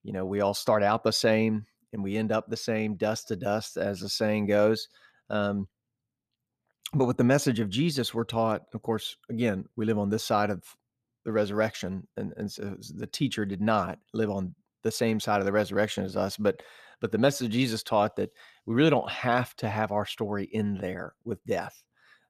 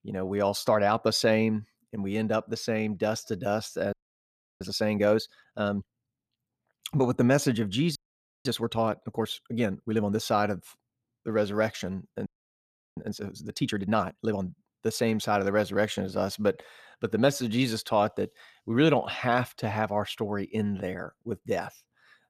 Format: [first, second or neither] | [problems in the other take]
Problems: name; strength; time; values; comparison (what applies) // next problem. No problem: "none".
first | audio freezing; at 4 s for 0.5 s, at 8 s and at 12 s for 0.5 s